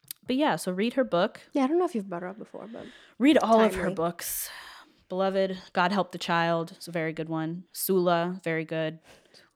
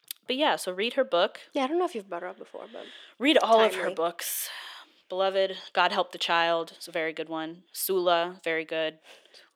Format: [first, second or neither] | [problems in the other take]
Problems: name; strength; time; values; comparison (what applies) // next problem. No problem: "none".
first | thin; somewhat; fading below 450 Hz